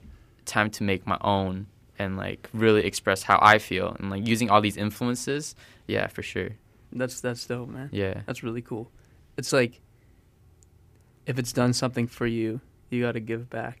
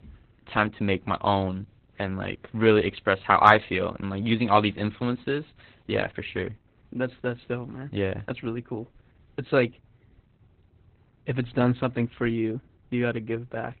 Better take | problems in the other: first | garbled, watery; badly; nothing above 3.5 kHz

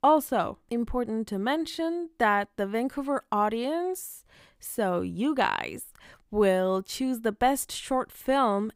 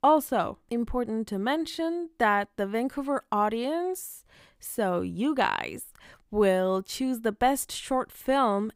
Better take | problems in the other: neither | none

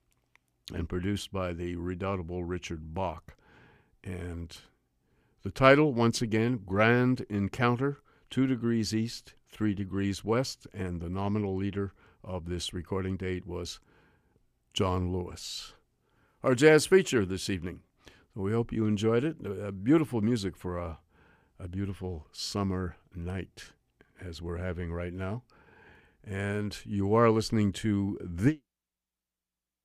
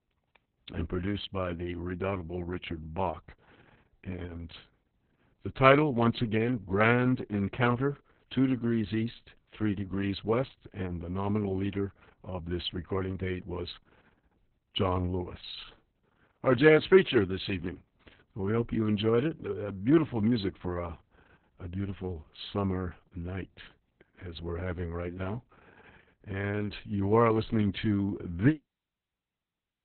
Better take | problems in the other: first | garbled, watery; badly; nothing above 4 kHz

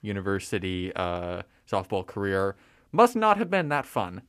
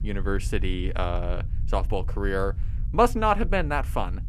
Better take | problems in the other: first | low rumble; faint; throughout; 25 dB below the speech

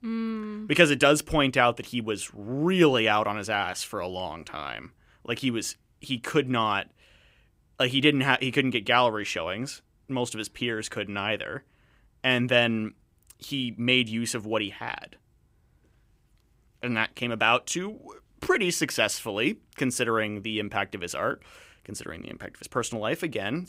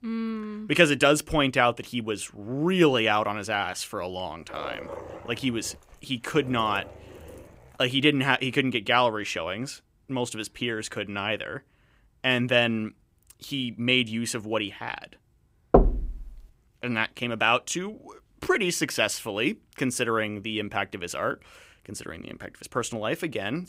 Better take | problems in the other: first | dog barking; faint; from 4.5 to 8 s; peak 10 dB below the speech // door banging; loud; at 16 s; peak 5 dB above the speech

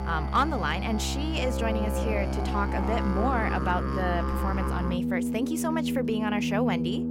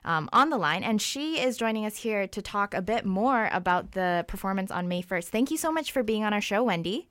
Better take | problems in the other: second | background music; very loud; throughout; 1 dB above the speech

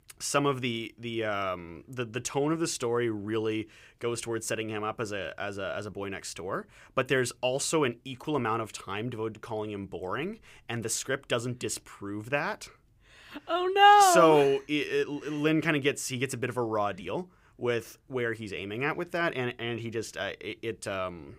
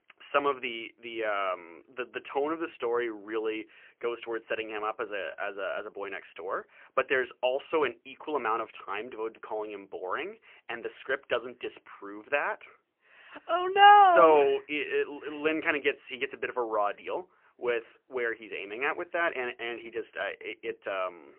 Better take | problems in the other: first | phone-call audio; poor line; nothing above 3 kHz

